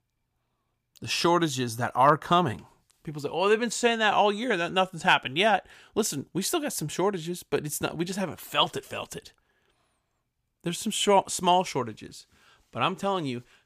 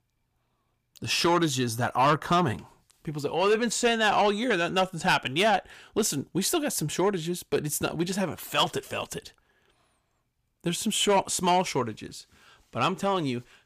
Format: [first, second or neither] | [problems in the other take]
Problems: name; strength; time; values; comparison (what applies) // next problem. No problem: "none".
first | distortion; slight; 10 dB below the speech